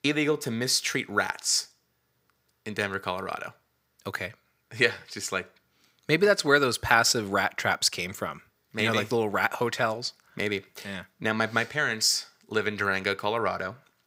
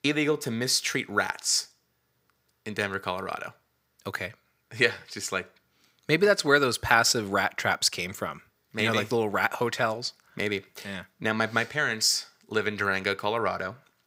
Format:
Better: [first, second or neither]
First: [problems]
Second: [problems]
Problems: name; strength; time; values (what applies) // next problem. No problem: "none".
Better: neither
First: thin; somewhat; fading below 700 Hz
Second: thin; somewhat; fading below 700 Hz